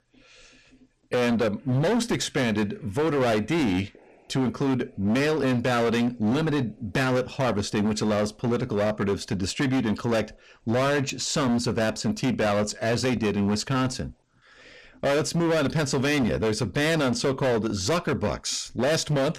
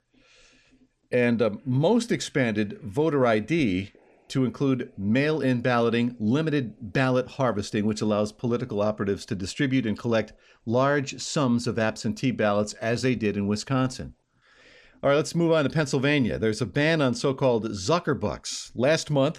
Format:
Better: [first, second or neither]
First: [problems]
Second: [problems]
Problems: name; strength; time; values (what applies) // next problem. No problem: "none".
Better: second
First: distortion; heavy; 21% of the sound clipped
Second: none